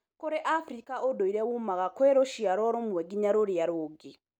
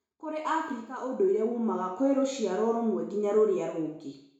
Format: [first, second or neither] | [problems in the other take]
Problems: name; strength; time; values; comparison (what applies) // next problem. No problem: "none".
first | room echo; dies away in 0.6 s